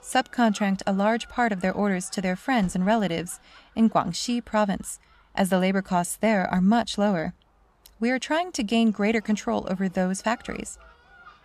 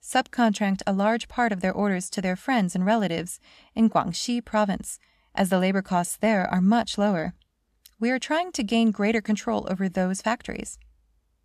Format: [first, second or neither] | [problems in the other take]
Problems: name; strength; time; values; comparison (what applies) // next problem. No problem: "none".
second | animal sounds; faint; throughout; 30 dB below the speech